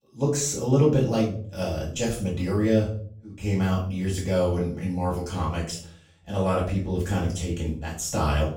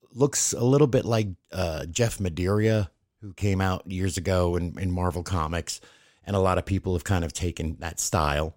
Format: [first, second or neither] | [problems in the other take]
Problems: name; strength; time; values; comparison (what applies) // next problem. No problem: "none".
second | room echo; slight; dies away in 0.5 s // off-mic speech; far